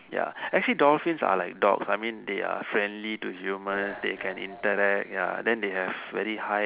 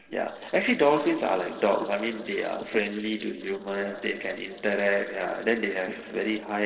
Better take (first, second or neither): first